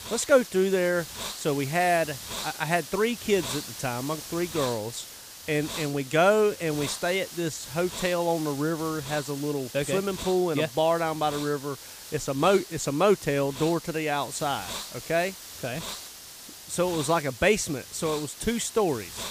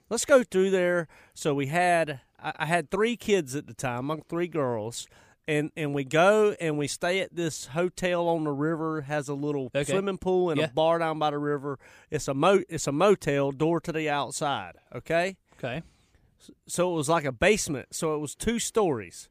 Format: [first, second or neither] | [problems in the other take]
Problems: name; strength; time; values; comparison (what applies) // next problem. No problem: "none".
second | hiss; noticeable; throughout; 10 dB below the speech